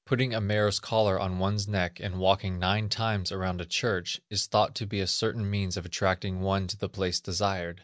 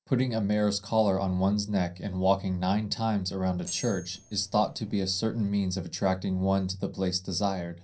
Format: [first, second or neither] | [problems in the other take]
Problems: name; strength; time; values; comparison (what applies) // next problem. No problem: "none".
first | noise reduction (neural separator model SepFormer DNS4)